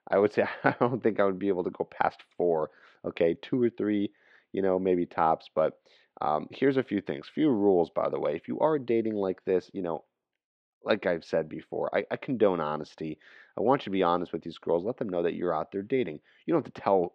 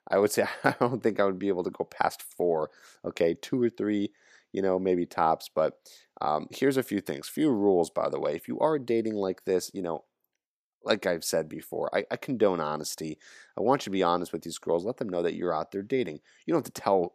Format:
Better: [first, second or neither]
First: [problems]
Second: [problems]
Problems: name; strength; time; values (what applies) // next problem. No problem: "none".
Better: second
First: muffled; slightly; fading above 3 kHz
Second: none